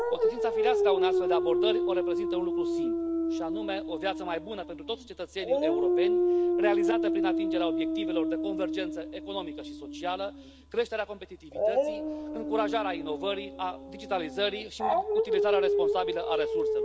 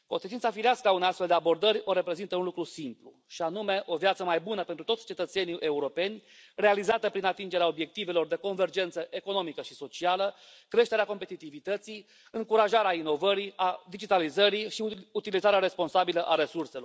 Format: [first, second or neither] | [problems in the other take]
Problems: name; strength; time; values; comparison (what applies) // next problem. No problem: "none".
second | background sound (Dog); 5 dB above the speech